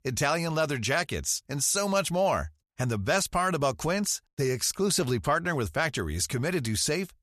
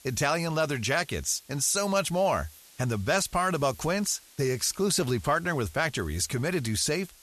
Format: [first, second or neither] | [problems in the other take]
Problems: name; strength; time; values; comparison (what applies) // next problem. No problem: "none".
first | hiss; faint; throughout; 25 dB below the speech